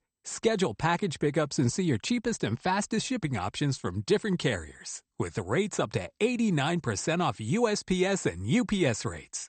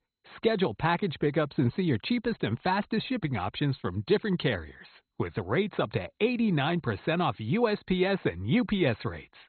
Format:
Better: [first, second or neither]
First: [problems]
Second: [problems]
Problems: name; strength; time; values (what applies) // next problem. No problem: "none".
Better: first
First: garbled, watery; slightly; nothing above 8.5 kHz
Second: garbled, watery; badly; nothing above 4 kHz